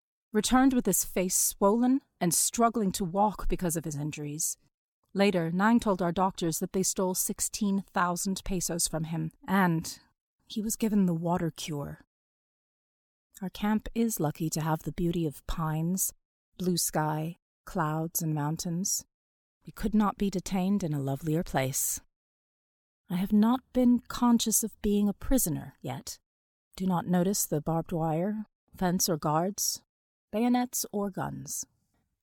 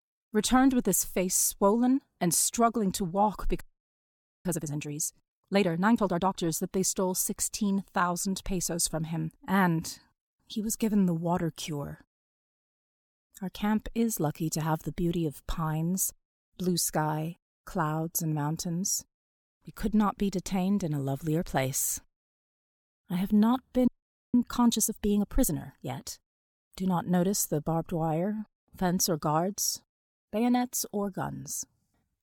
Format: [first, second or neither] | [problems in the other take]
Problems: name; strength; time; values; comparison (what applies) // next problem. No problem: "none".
first | audio freezing; at 3.5 s for 1 s and at 24 s